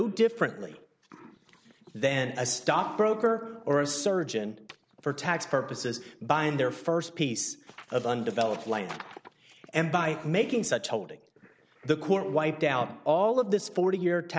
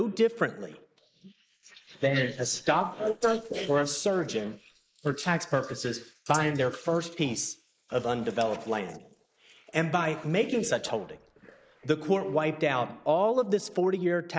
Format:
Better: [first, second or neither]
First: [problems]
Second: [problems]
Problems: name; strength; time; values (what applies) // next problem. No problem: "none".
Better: first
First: none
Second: noise reduction (neural mask model Resemble Enhance denoiser)